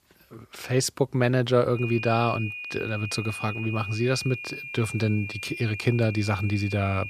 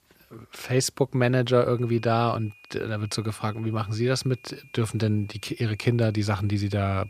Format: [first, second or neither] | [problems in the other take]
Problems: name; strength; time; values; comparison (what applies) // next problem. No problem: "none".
second | high-pitched whine; loud; from 2 s on; 2.5 kHz, 8 dB below the speech; faint in the second